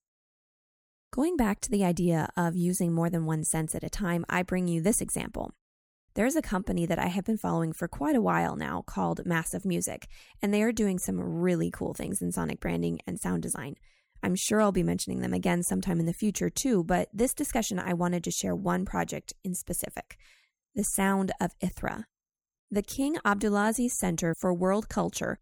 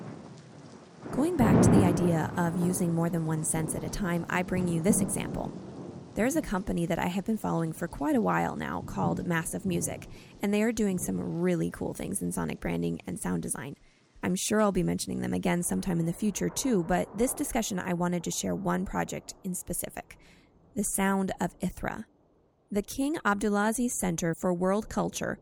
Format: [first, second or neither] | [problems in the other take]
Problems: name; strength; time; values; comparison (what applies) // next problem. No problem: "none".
first | rain or running water; loud; throughout; 3 dB below the speech